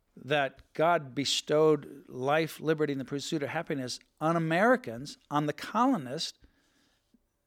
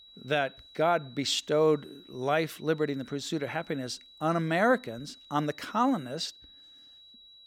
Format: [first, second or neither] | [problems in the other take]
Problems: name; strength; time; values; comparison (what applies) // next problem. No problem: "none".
first | high-pitched whine; faint; throughout; 4 kHz, 20 dB below the speech